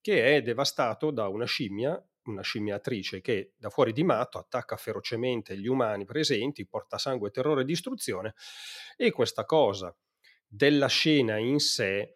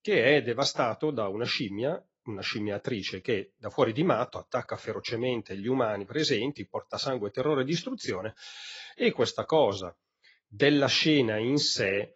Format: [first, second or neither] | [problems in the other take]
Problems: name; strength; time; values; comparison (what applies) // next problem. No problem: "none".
first | garbled, watery; badly; nothing above 7.5 kHz